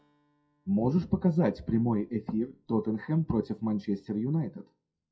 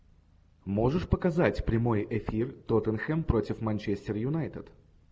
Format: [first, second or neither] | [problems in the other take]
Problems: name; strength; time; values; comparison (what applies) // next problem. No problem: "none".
second | noise reduction (classical method WPE with log-MMSE)